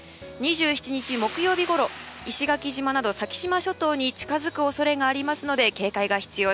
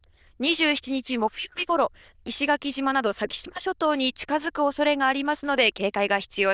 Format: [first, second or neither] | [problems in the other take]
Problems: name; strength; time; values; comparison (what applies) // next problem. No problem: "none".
first | noise reduction (neural diffusion model UNIVERSE++)